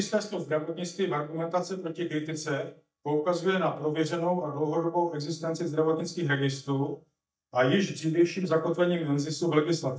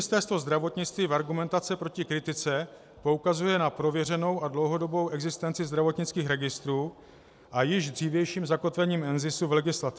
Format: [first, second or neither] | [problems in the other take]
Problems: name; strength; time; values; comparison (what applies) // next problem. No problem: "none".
second | noise reduction (neural mask model DeepFilterNet 3)